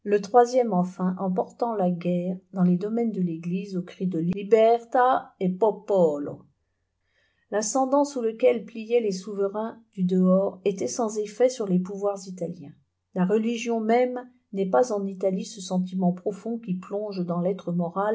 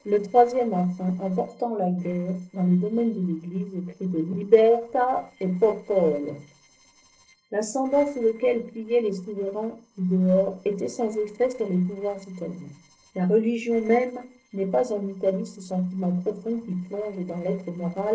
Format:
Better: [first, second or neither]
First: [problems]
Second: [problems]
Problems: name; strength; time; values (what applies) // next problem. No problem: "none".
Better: first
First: none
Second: noise reduction (neural separator model SepFormer DNS4)